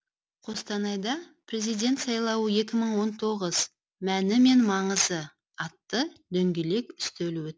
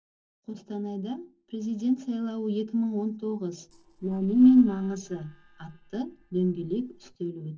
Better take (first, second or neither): first